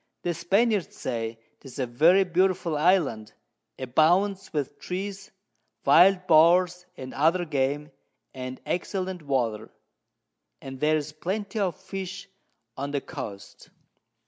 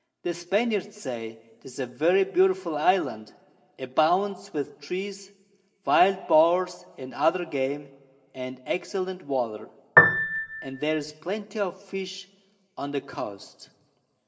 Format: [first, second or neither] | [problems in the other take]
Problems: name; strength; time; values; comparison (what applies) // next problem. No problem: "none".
first | background sound (Piano); 5 dB above the speech // room echo; dies away in 0.6 s